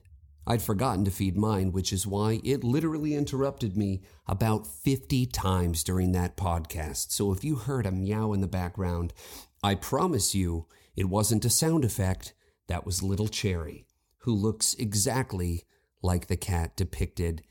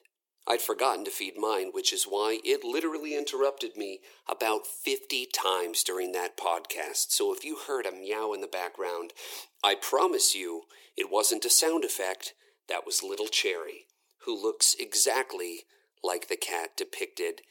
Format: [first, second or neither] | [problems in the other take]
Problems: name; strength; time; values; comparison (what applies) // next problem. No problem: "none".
first | thin; very; fading below 350 Hz